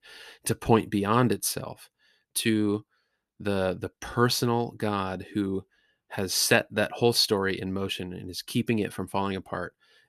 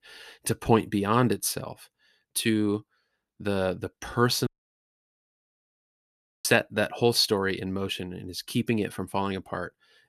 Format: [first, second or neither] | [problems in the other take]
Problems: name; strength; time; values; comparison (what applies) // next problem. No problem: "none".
first | audio cutting out; at 4.5 s for 2 s